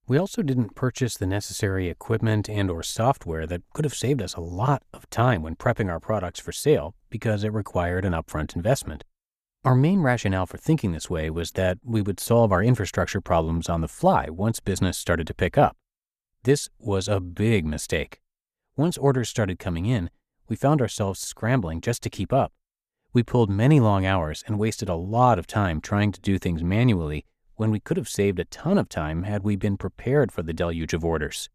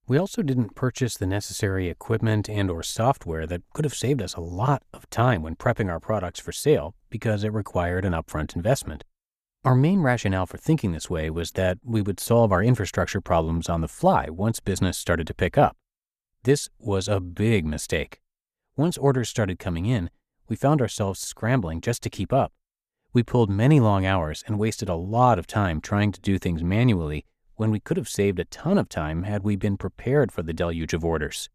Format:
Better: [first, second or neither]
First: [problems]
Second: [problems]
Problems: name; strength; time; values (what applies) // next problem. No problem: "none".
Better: neither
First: none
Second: none